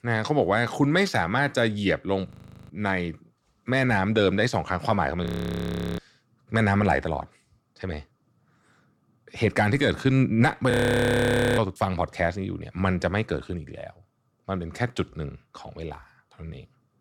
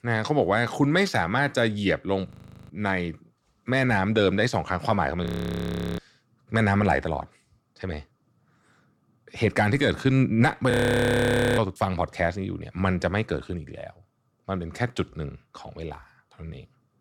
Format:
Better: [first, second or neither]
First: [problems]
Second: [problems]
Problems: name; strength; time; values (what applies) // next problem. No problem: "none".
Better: neither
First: audio freezing; at 2.5 s, at 5.5 s for 0.5 s and at 11 s for 1 s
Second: audio freezing; at 2.5 s, at 5.5 s for 0.5 s and at 11 s for 1 s